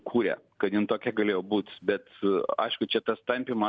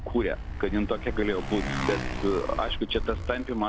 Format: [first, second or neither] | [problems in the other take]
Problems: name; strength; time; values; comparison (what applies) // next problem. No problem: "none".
first | background sound (Motorcycle); 4 dB below the speech